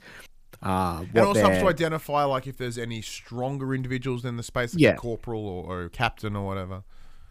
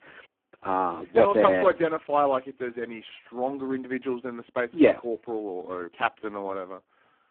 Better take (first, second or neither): first